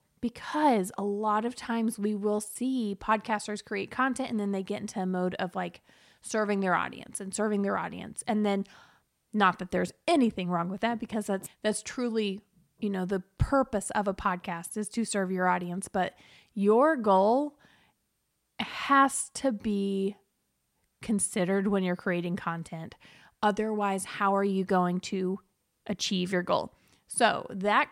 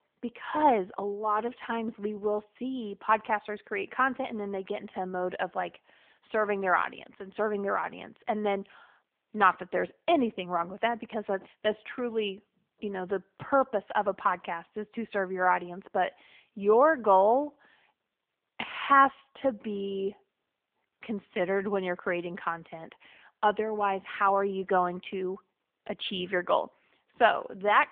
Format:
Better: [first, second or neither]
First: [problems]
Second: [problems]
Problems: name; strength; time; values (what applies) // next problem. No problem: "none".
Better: first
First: none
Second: phone-call audio; nothing above 3.5 kHz